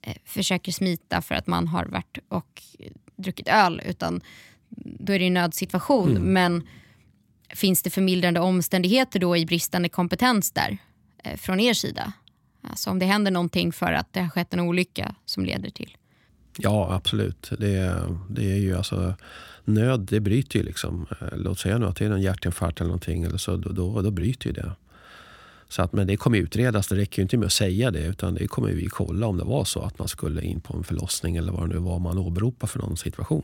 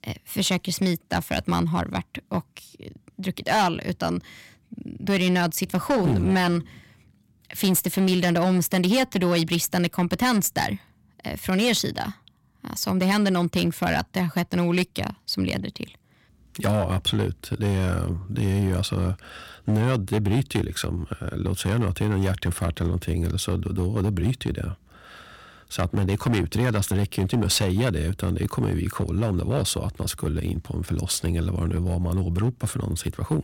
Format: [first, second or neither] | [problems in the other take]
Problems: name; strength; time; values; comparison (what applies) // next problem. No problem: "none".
first | distortion; slight; 6% of the sound clipped